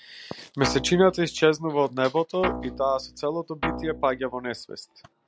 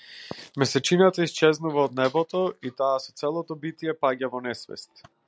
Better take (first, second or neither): second